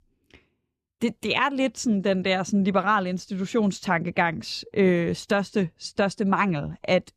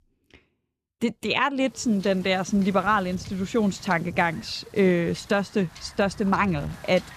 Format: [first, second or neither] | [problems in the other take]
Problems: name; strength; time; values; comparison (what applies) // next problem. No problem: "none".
first | wind noise on the microphone; occasional gusts; from 1.5 s on; 20 dB below the speech